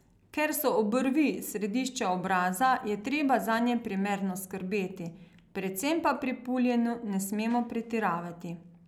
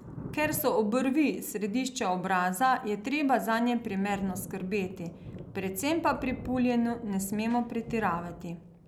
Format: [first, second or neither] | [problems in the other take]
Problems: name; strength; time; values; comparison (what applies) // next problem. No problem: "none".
first | background sound (Thunder); 16 dB below the speech